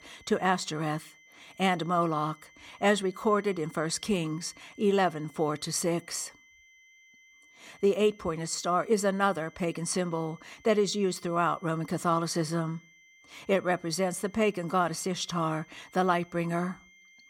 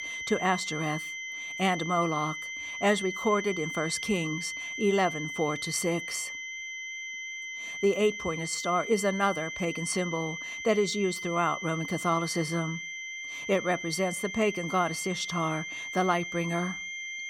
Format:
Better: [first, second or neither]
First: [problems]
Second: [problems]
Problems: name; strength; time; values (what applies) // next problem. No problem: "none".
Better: first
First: high-pitched whine; faint; throughout; 2 kHz, 25 dB below the speech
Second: high-pitched whine; loud; throughout; 2 kHz, 6 dB below the speech